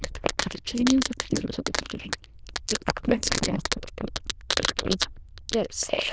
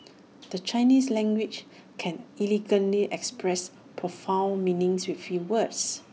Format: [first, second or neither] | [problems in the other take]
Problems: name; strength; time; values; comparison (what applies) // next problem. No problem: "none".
second | noise reduction (neural diffusion model UNIVERSE++)